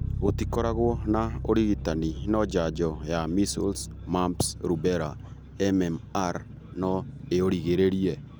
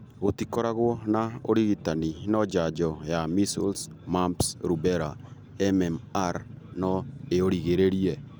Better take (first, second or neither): second